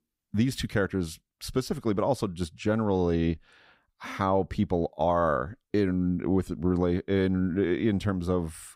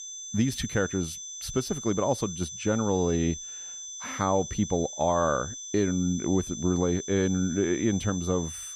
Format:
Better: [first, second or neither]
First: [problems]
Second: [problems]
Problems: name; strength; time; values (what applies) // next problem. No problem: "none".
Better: first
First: none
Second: high-pitched whine; loud; throughout; 6 kHz, 9 dB below the speech